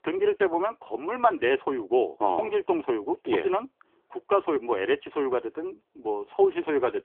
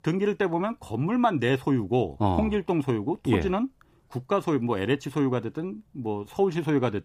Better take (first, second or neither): second